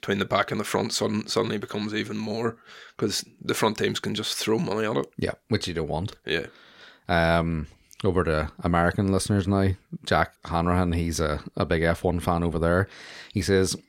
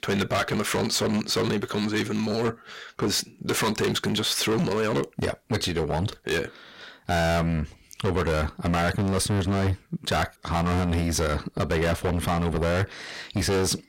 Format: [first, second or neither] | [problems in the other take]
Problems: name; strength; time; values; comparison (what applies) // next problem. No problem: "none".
first | distortion; heavy; 20% of the sound clipped